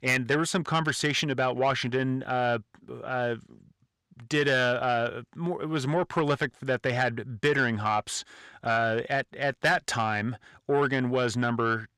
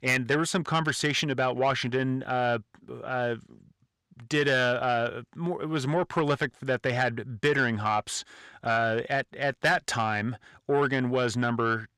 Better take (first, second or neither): neither